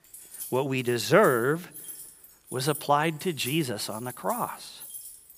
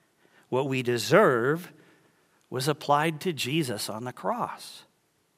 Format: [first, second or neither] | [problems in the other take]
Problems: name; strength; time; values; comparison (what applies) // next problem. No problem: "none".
second | jangling keys; faint; peak 10 dB below the speech